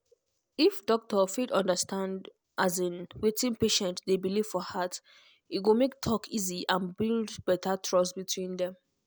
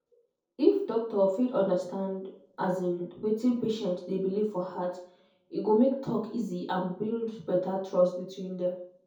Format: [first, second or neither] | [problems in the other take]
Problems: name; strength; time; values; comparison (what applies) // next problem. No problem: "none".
first | room echo; dies away in 0.6 s